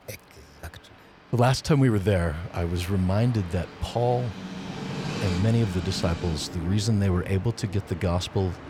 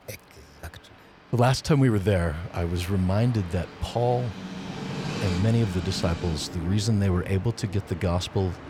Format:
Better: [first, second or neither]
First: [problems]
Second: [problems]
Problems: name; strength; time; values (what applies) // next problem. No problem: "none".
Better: neither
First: train or aircraft noise; noticeable; throughout; 10 dB below the speech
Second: train or aircraft noise; noticeable; throughout; 10 dB below the speech